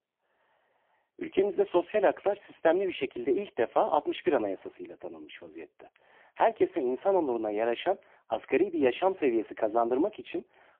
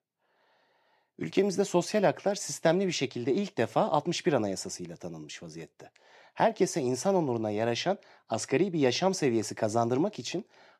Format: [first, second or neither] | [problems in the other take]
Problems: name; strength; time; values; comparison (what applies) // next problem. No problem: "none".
second | phone-call audio; poor line; nothing above 3.5 kHz